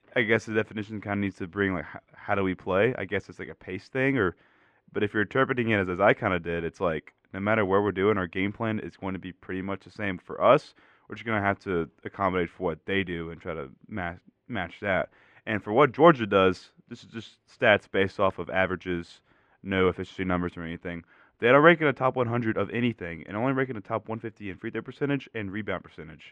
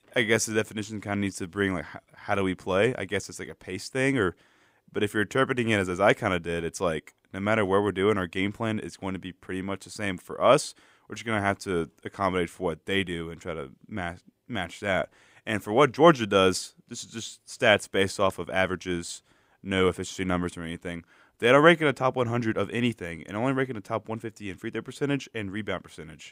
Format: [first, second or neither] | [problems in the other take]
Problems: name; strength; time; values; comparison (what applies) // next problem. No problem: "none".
second | muffled; very; fading above 2 kHz